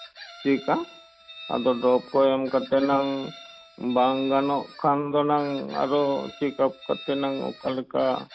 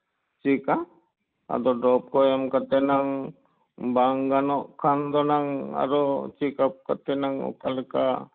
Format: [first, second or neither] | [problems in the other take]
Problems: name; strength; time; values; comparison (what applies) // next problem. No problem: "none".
second | background sound (Chicken, rooster); 19 dB below the speech